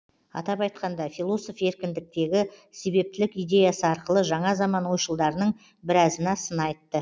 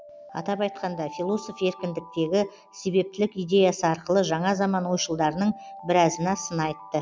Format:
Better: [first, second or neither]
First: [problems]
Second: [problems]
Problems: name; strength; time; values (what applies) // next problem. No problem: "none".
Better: first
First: none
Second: background sound (Alarm); 19 dB below the speech